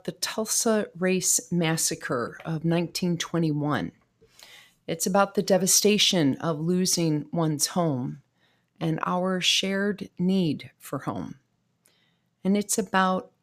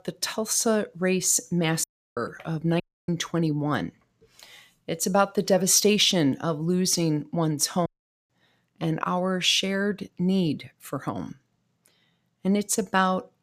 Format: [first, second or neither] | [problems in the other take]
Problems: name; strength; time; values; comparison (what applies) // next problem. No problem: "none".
first | audio cutting out; at 2 s, at 3 s and at 8 s